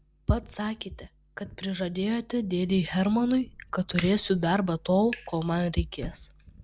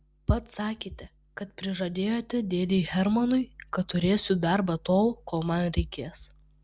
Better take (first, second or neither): second